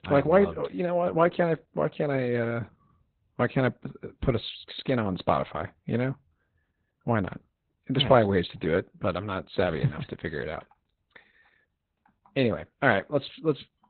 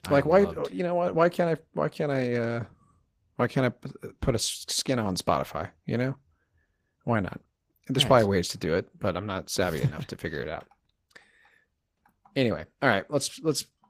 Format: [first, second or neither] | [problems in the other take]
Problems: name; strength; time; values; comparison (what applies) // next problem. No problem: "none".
second | garbled, watery; badly; nothing above 4 kHz; slightly in the second